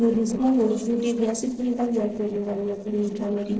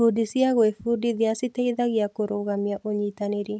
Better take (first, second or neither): second